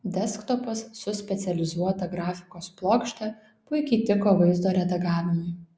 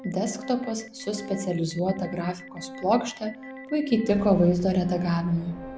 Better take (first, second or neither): first